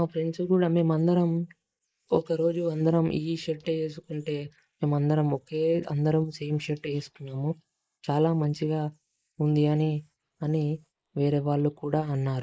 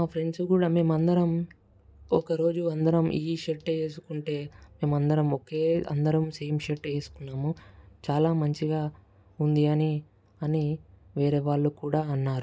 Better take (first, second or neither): second